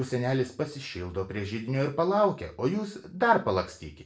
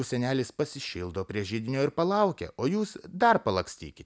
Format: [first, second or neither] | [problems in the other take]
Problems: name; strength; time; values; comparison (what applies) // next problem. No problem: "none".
second | room echo; dies away in 0.3 s